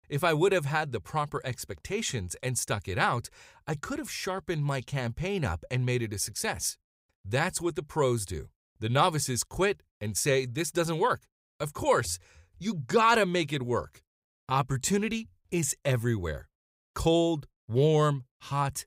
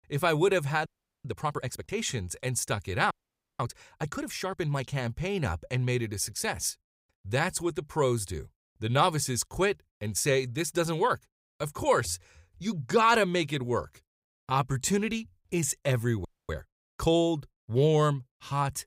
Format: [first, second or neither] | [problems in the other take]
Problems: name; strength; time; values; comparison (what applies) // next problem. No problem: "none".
first | audio freezing; at 1 s, at 3 s and at 16 s